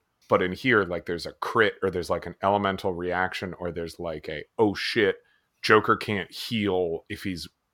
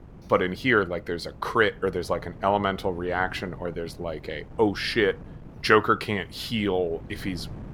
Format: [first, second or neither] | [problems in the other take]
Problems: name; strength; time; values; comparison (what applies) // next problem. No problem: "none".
first | wind noise on the microphone; occasional gusts; 25 dB below the speech